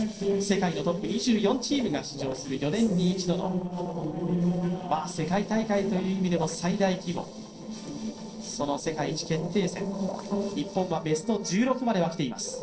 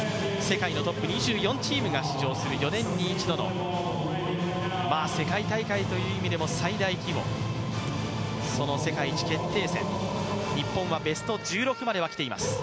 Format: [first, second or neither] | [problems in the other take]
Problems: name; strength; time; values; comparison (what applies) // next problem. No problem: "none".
second | noise reduction (neural separator model SepFormer DNS4)